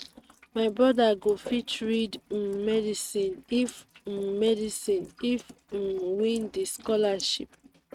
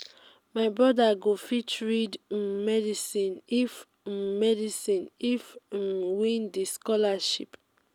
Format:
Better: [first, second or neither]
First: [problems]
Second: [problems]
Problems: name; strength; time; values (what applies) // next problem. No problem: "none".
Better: second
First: noise reduction (neural mask model RNNoise)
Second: none